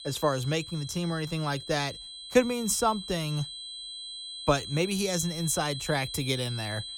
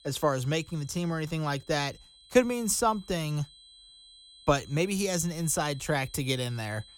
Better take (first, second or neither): second